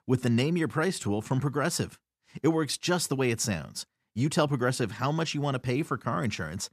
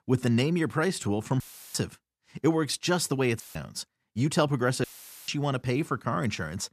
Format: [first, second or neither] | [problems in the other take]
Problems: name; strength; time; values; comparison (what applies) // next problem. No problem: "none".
first | audio cutting out; filled with static; at 1.5 s, at 3.5 s and at 5 s